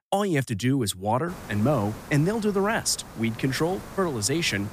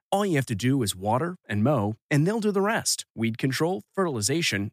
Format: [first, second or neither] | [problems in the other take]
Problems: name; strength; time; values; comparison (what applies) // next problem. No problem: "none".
second | hiss; noticeable; from 1.5 s on; 15 dB below the speech